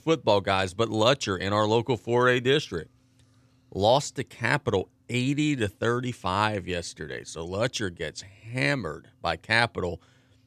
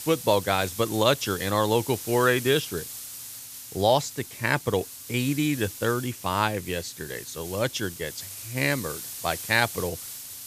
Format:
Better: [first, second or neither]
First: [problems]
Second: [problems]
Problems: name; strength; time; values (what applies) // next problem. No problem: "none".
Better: first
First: none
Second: hiss; noticeable; throughout; 10 dB below the speech